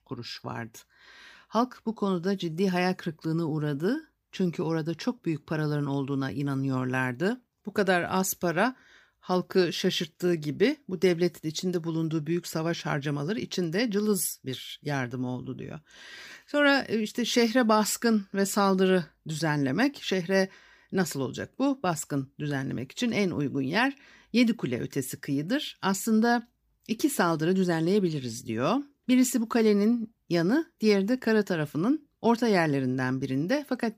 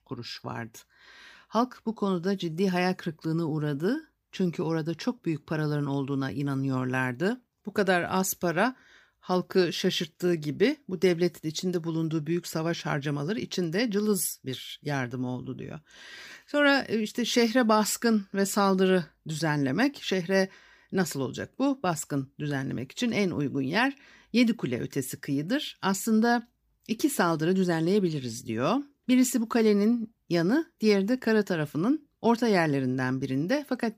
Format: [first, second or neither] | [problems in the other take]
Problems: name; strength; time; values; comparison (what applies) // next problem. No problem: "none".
neither | none